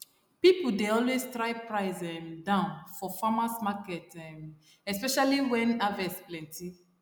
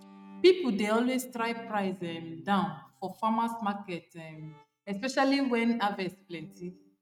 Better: first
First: none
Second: noise reduction (neural mask model RNNoise)

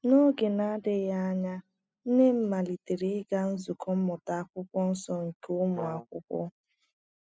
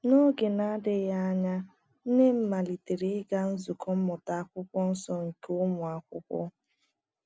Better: second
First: noise reduction (classical method spectral subtraction)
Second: none

